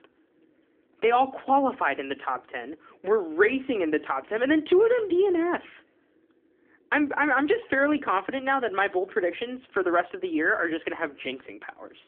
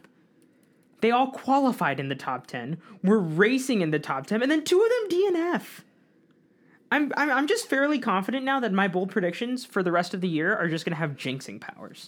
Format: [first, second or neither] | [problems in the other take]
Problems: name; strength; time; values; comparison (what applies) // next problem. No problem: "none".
second | phone-call audio; nothing above 3.5 kHz